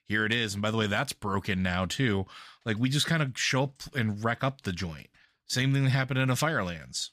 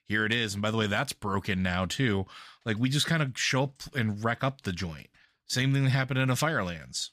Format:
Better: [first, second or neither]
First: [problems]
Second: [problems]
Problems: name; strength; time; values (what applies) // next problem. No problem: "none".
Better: neither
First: none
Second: none